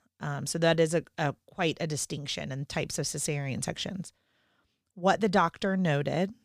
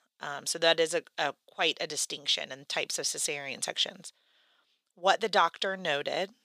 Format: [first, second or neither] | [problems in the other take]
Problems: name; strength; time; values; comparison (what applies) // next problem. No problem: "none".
first | thin; very; fading below 500 Hz